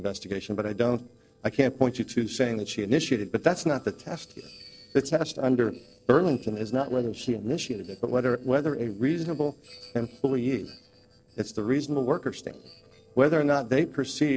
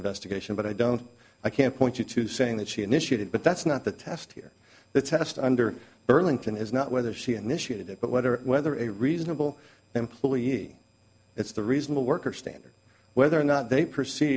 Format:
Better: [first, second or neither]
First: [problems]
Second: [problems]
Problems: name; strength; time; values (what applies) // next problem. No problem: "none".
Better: second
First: noise reduction (neural separator model SepFormer DNS4)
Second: none